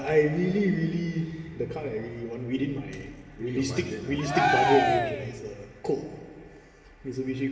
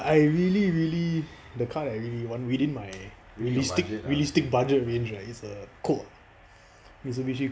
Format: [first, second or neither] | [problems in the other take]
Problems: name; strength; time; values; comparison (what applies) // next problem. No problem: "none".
second | background sound (Cheering); 2 dB above the speech // room echo; dies away in 2.5 s